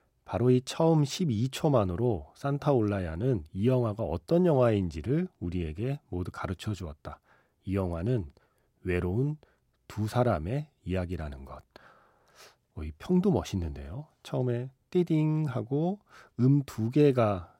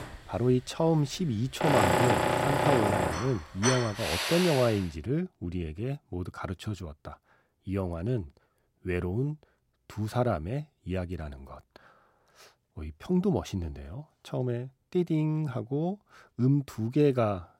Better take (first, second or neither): first